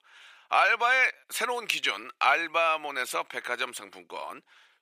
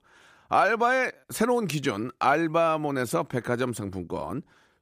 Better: second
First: thin; very; fading below 800 Hz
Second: none

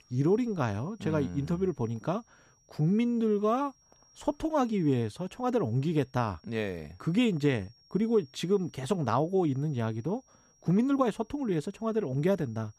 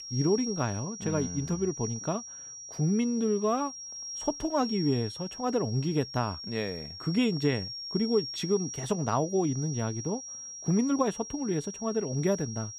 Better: first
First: high-pitched whine; faint; throughout; 5.5 kHz, 30 dB below the speech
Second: high-pitched whine; loud; throughout; 5.5 kHz, 8 dB below the speech

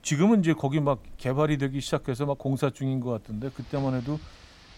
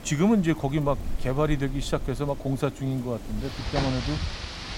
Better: first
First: rain or running water; faint; throughout; 25 dB below the speech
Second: rain or running water; loud; throughout; 9 dB below the speech

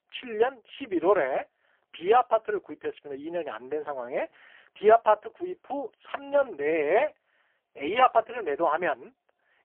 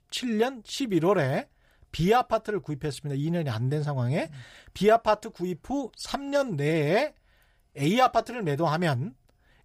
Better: second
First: phone-call audio; poor line; nothing above 3 kHz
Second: none

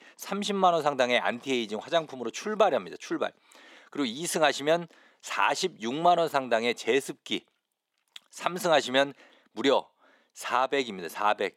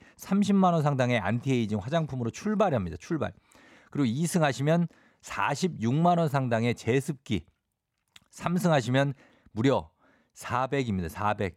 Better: second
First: thin; somewhat; fading below 350 Hz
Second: none

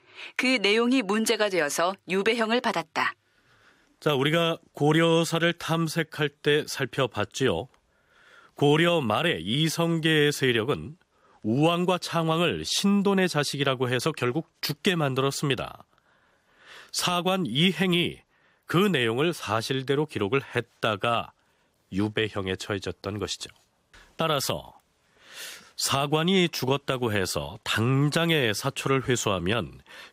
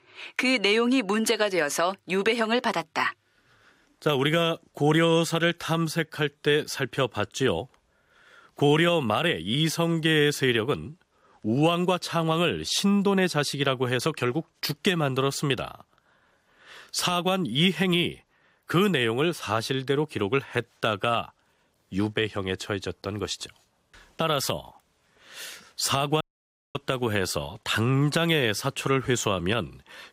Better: first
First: none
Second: audio cutting out; at 26 s for 0.5 s

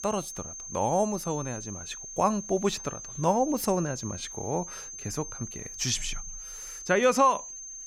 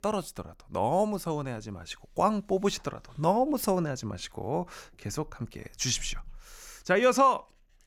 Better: second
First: high-pitched whine; loud; throughout; 6.5 kHz, 10 dB below the speech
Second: none

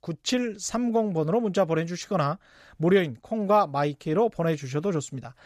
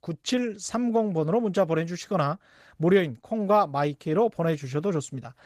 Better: first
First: none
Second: garbled, watery; slightly; nothing above 15 kHz

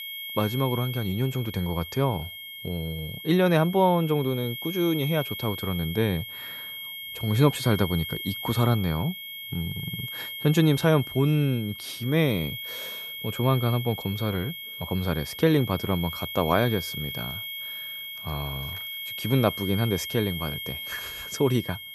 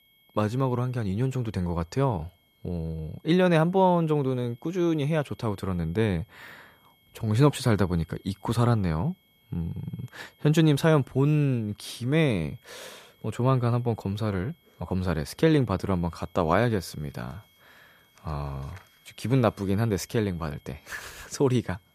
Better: second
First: high-pitched whine; loud; throughout; 3.5 kHz, 8 dB below the speech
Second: high-pitched whine; faint; throughout; 3.5 kHz, 35 dB below the speech

